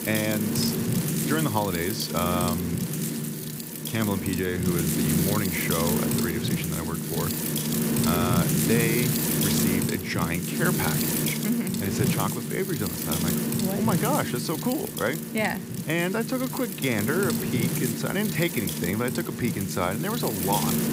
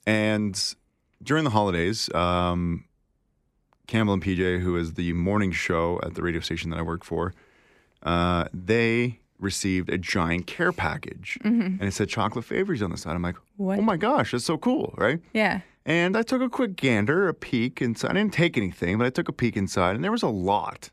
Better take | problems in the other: second | wind noise on the microphone; heavy; 2 dB below the speech

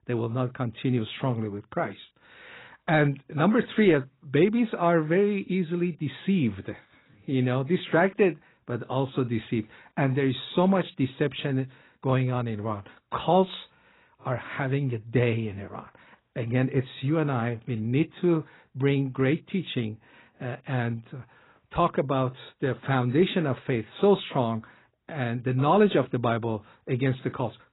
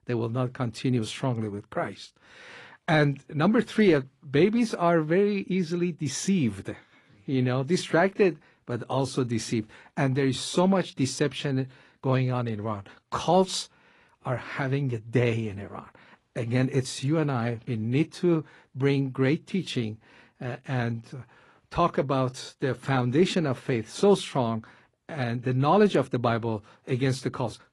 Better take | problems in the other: second | garbled, watery; badly; nothing above 4 kHz; slightly in the second

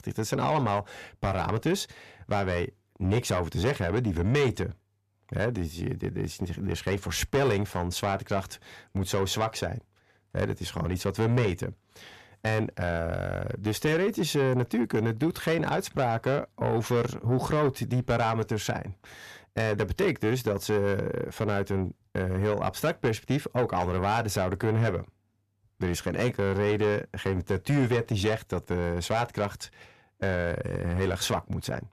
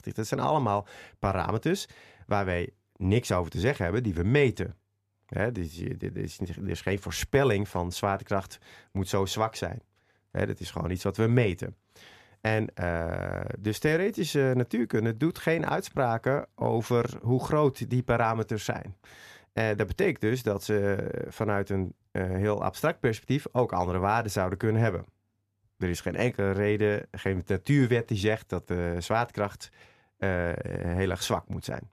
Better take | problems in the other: second | distortion; slight; 10 dB below the speech

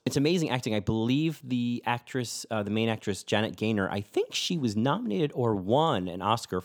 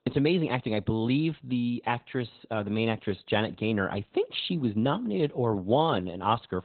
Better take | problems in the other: first | garbled, watery; badly; nothing above 4 kHz

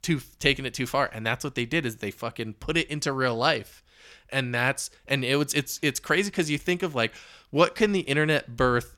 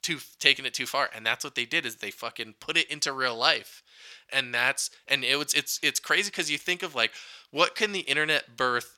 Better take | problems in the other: first | thin; somewhat; fading below 950 Hz

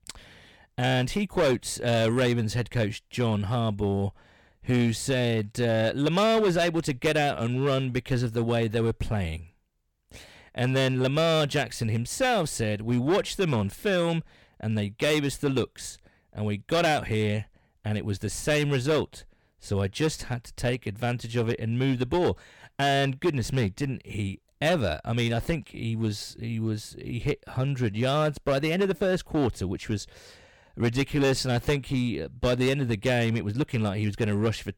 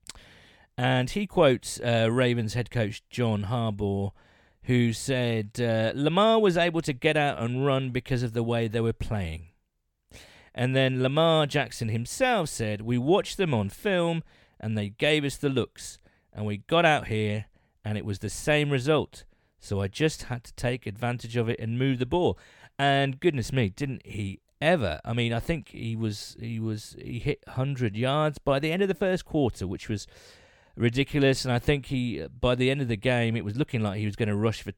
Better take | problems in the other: second | distortion; slight; 7% of the sound clipped

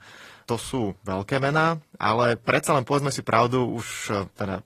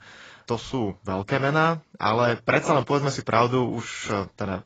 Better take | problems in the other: first | garbled, watery; badly; nothing above 7.5 kHz; slightly in the first

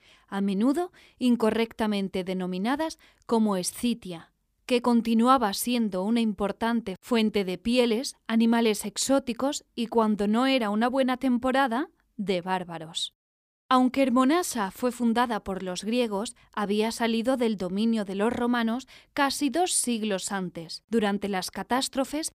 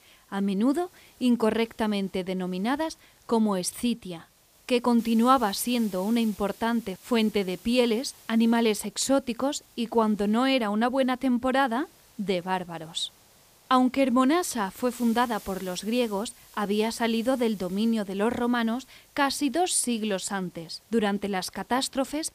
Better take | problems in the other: first | hiss; faint; throughout; 25 dB below the speech

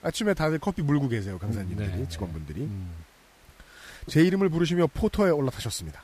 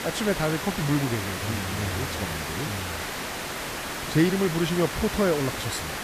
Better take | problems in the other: first | hiss; loud; throughout; 4 dB below the speech; faint in the first

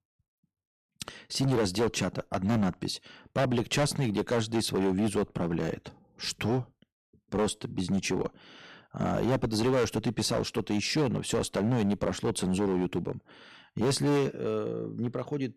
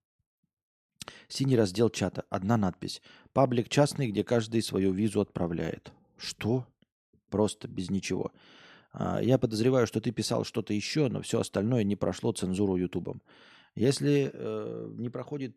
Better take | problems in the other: second | distortion; heavy; 9% of the sound clipped

